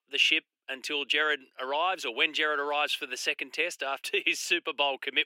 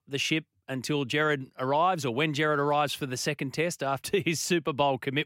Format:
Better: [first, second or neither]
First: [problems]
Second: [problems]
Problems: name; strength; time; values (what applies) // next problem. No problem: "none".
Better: second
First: thin; somewhat; fading below 350 Hz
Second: none